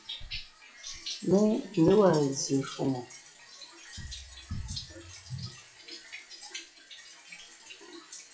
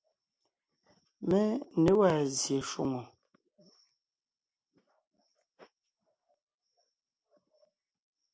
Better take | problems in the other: second | noise reduction (classical method WPE with log-MMSE)

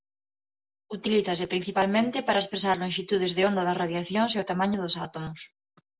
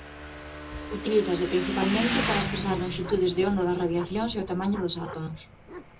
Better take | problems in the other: first | background sound (Motorcycle / Engine); 6 dB below the speech // room echo; dies away in 0.2 s

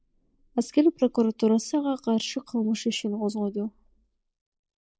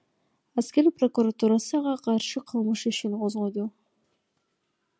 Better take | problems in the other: second | noise reduction (neural mask model Resemble Enhance denoiser)

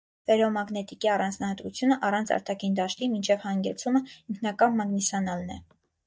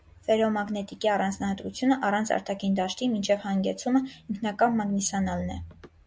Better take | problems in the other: second | noise reduction (neural mask model DeepFilterNet 3)

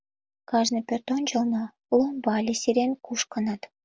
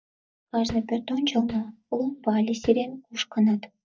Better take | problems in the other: first | noise reduction (neural mask model DeepFilterNet 3)

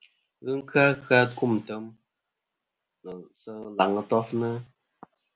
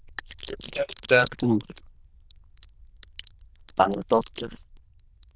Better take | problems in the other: first | noise reduction (neural diffusion model UNIVERSE++)

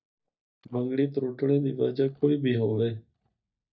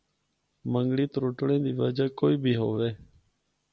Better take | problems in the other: second | noise reduction (neural mask model DeepFilterNet 3)

